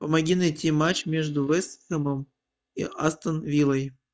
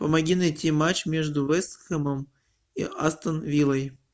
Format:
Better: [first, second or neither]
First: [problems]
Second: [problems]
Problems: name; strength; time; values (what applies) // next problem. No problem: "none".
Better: second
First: noise reduction (neural mask model DeepFilterNet 3)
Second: none